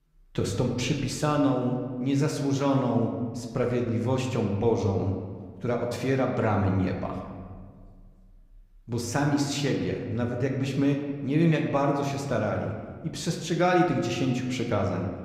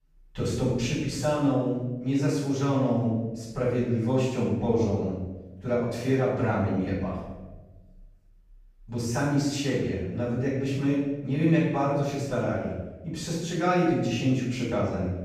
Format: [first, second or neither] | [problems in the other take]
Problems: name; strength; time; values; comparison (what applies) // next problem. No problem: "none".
first | room echo; strong; dies away in 1 s; slight in the first // off-mic speech; far